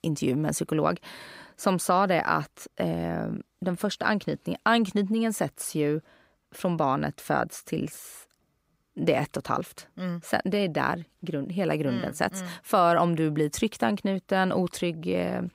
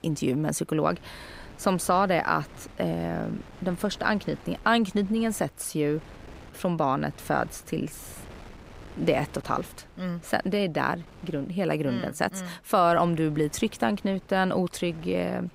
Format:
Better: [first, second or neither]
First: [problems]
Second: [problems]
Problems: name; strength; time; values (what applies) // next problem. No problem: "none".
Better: first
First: none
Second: wind noise on the microphone; occasional gusts; 25 dB below the speech